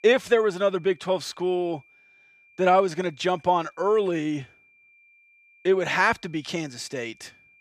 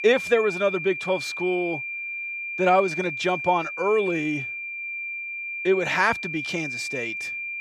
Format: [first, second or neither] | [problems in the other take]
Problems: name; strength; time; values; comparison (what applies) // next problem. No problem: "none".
first | high-pitched whine; loud; throughout; 2.5 kHz, 5 dB below the speech; faint in the first